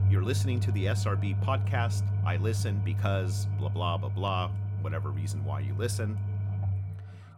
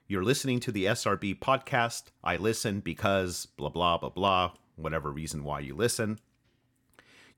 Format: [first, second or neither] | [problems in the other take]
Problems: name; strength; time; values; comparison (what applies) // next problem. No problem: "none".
second | low rumble; loud; throughout; 9 dB below the speech